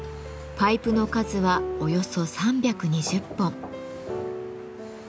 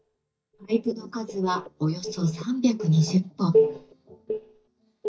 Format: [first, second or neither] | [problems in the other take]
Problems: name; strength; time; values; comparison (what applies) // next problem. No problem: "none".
first | noise reduction (neural mask model DeepFilterNet 3)